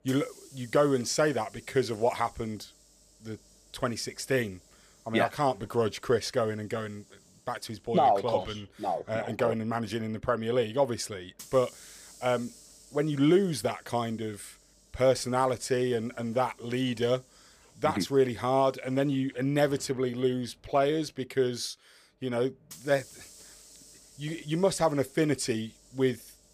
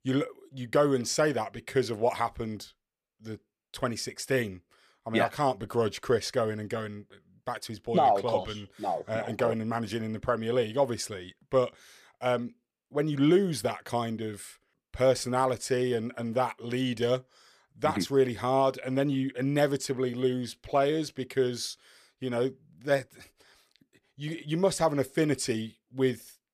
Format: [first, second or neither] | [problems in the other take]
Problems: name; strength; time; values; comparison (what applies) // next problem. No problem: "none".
second | hiss; faint; throughout; 25 dB below the speech